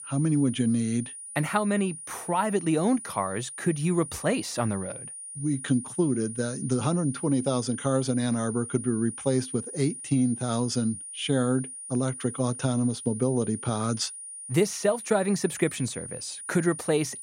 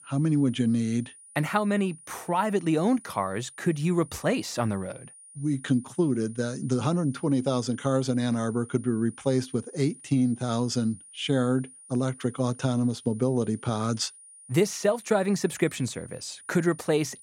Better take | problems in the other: second | high-pitched whine; loud; throughout; 9.5 kHz, 10 dB below the speech; faint in the second

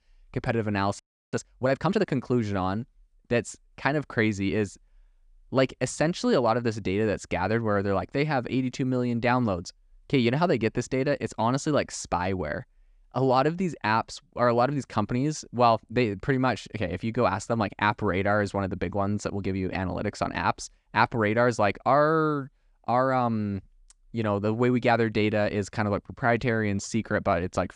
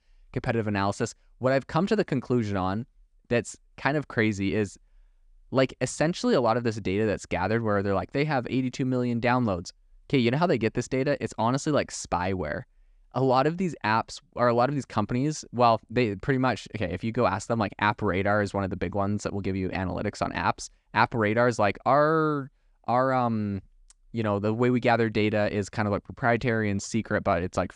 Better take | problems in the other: second | audio freezing; at 1 s

